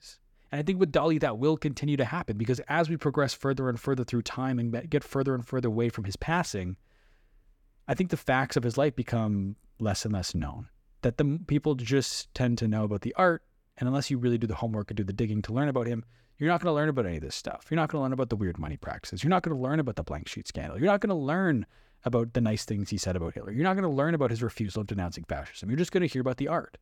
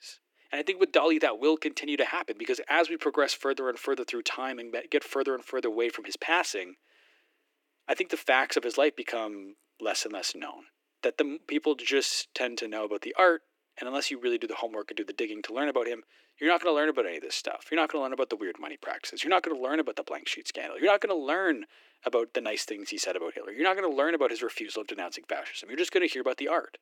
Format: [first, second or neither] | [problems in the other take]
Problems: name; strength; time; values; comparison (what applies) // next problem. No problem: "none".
first | thin; somewhat; fading below 300 Hz